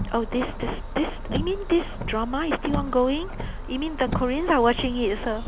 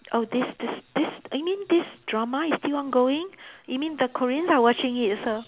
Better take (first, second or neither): second